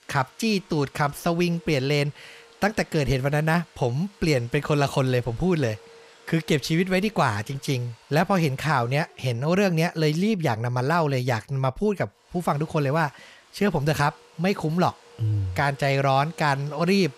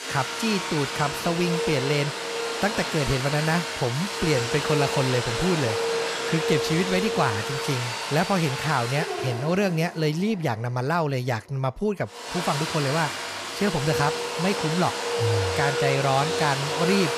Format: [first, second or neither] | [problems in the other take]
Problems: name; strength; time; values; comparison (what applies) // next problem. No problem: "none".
first | household noises; loud; throughout; 2 dB below the speech; faint in the first